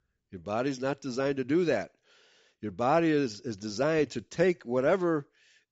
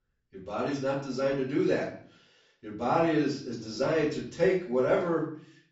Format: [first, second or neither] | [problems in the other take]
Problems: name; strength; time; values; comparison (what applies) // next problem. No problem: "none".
first | off-mic speech; far // room echo; slight; dies away in 0.5 s